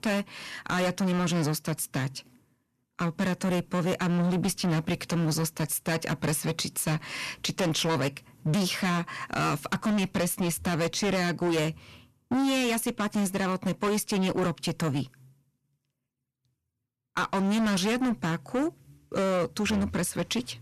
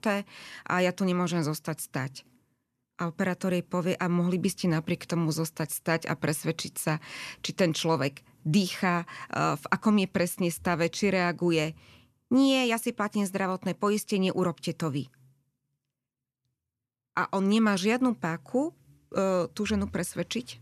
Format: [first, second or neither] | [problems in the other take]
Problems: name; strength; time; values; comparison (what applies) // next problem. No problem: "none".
second | distortion; heavy; 19% of the sound clipped